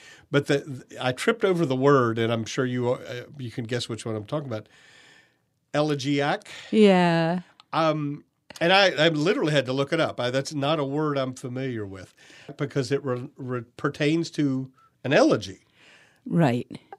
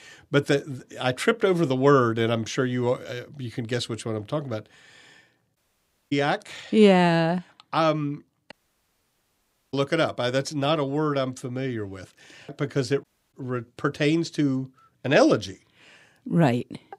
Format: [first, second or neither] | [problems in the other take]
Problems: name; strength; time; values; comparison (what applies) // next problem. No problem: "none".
first | audio cutting out; at 5.5 s for 0.5 s, at 8.5 s for 1 s and at 13 s